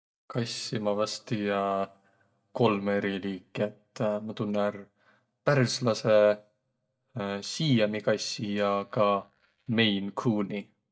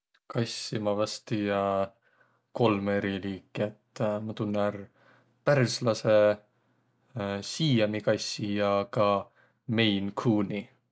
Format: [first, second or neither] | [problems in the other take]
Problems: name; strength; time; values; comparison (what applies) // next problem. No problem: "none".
second | noise reduction (neural mask model DeepFilterNet 3)